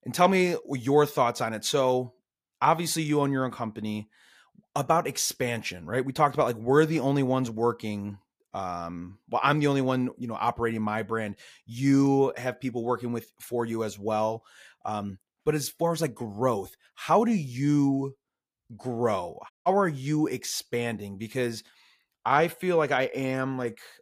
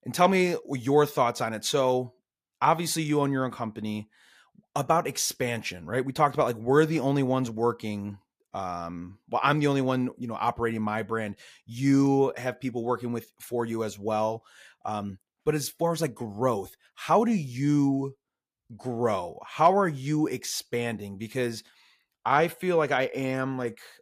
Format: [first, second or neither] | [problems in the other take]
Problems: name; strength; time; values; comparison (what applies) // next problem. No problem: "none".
second | audio cutting out; at 20 s